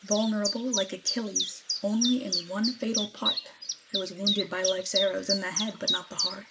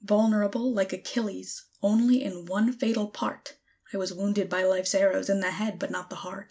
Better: second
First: noise reduction (neural mask model Resemble Enhance denoiser)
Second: none

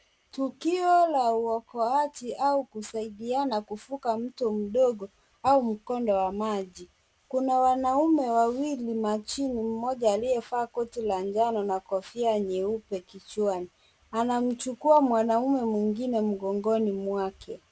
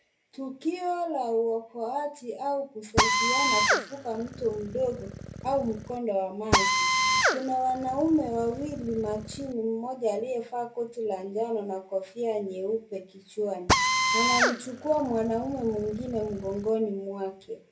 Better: first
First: none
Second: background sound (Drill); 2 dB above the speech // room echo; dies away in 0.3 s

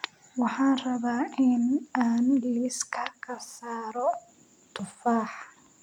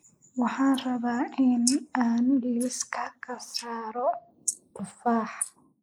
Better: first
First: none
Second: noise reduction (neural mask model Resemble Enhance denoiser)

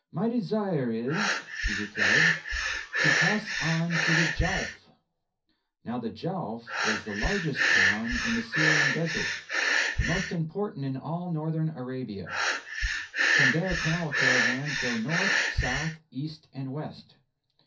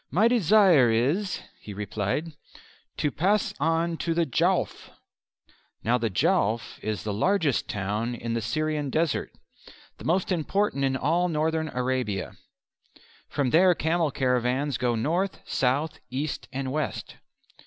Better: second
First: background sound (Breathing); 3 dB above the speech // room echo; dies away in 0.3 s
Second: none

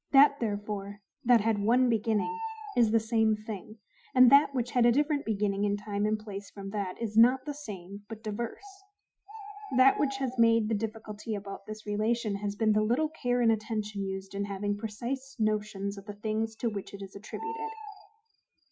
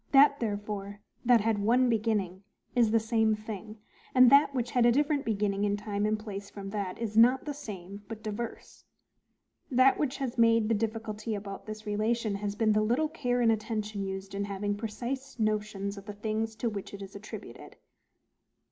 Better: second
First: noise reduction (classical method Wiener filter)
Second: none

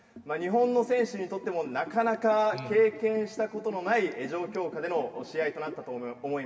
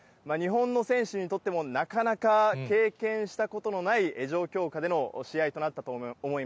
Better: second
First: background sound (Liquid); 19 dB below the speech // room echo; dies away in 1.7 s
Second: none

